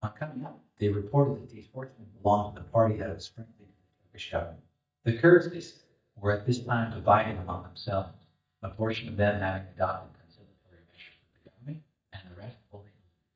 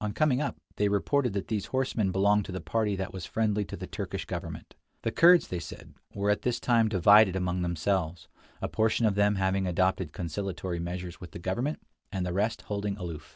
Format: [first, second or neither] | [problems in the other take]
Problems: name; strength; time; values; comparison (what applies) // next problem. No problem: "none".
second | noise reduction (neural mask model DeepFilterNet 3)